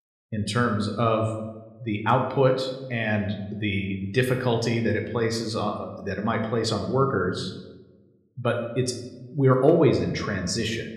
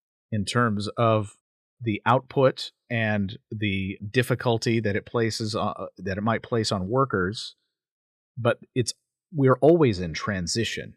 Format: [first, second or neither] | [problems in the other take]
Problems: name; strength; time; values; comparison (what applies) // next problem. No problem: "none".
second | room echo; slight; dies away in 0.8 s